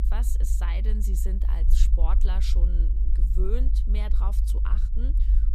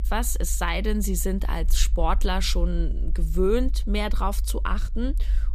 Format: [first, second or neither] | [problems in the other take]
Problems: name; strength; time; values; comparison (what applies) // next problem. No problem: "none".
second | low rumble; loud; throughout; 6 dB below the speech; faint in the second